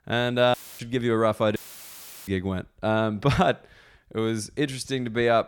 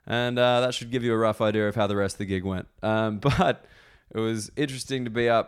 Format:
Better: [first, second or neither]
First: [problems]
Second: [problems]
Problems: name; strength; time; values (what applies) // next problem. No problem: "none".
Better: second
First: audio cutting out; filled with static; at 0.5 s and at 1.5 s for 0.5 s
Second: none